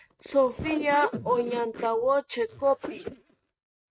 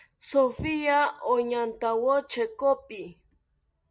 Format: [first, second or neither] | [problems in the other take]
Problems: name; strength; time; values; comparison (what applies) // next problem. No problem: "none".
second | noise reduction (neural mask model RNNoise)